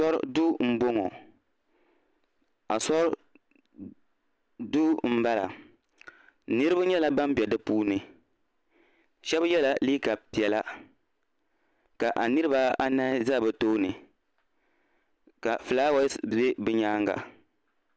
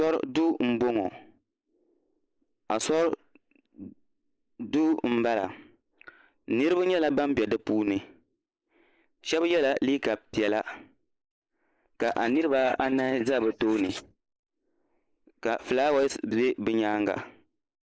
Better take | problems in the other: first | noise reduction (neural mask model Resemble Enhance denoiser)

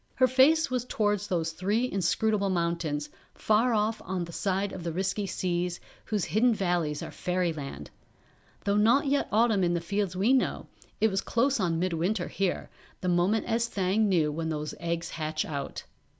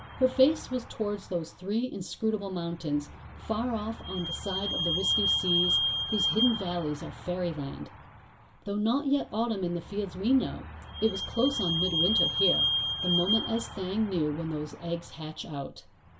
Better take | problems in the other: first | background sound (Squeak / Vehicle); 3 dB below the speech // room echo; dies away in 0.2 s

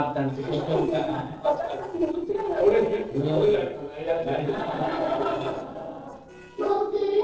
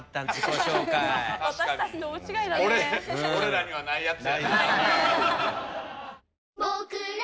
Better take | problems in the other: second | noise reduction (neural separator model SepFormer DNS4)

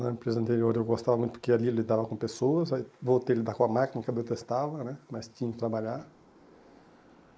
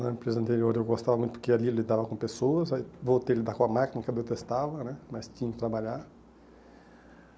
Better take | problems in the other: second | noise reduction (neural mask model Resemble Enhance denoiser)

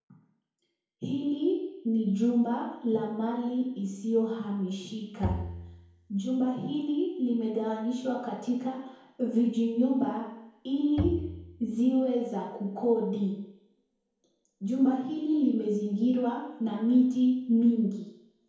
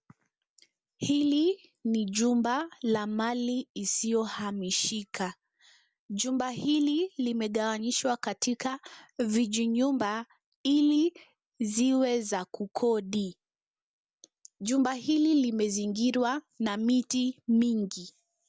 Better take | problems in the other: second | background sound (Bowed string instrument); 8 dB below the speech // room echo; dies away in 0.9 s

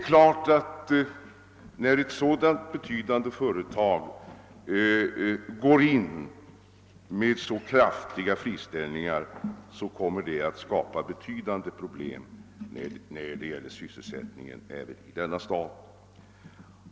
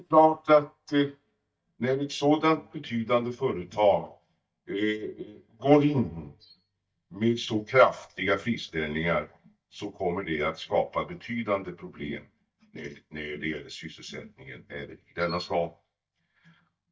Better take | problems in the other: first | noise reduction (neural mask model DeepFilterNet 3)

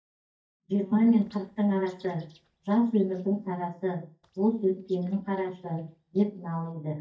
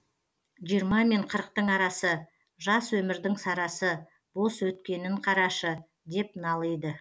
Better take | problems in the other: second | noise reduction (neural mask model DeepFilterNet 3)

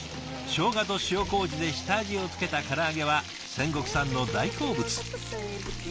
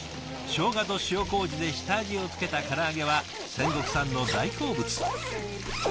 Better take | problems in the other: first | background sound (Zipper (clothing)); 8 dB below the speech

